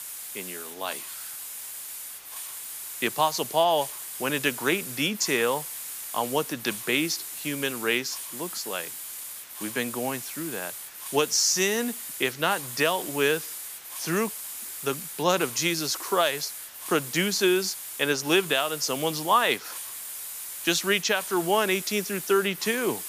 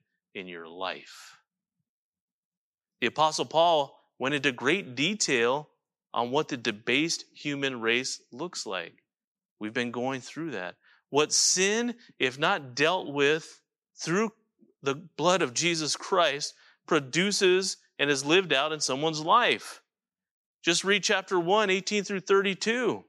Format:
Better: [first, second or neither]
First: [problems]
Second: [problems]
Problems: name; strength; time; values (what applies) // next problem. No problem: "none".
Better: second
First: hiss; loud; throughout; 8 dB below the speech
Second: none